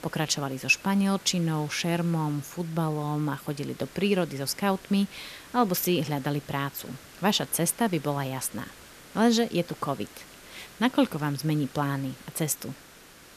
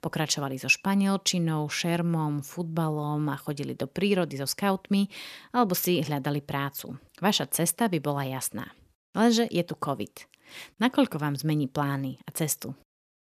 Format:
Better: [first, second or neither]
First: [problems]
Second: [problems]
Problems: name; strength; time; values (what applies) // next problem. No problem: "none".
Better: second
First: hiss; noticeable; throughout; 20 dB below the speech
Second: none